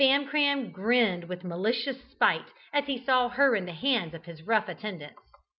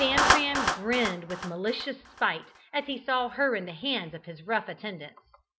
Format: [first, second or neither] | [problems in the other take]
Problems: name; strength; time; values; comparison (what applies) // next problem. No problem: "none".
first | background sound (Clapping); 2 dB below the speech